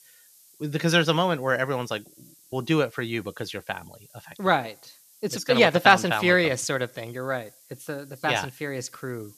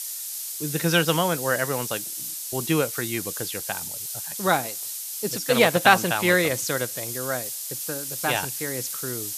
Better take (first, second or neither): first